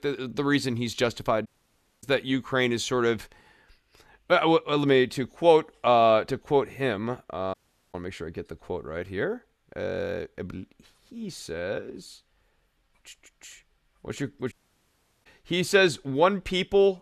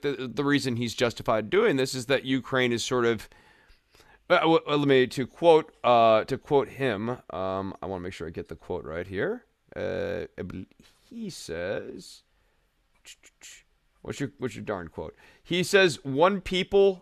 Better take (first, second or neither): second